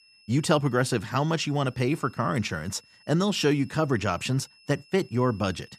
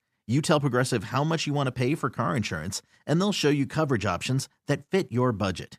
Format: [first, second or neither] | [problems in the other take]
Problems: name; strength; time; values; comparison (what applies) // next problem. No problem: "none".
second | high-pitched whine; faint; throughout; 5 kHz, 30 dB below the speech